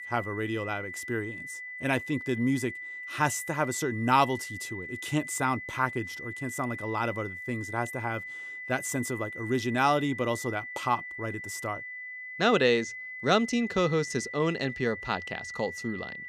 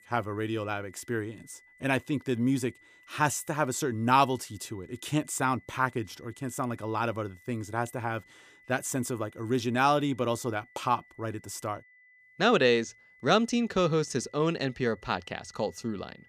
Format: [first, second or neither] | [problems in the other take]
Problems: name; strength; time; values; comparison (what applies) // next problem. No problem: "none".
second | high-pitched whine; loud; throughout; 2 kHz, 8 dB below the speech; faint in the second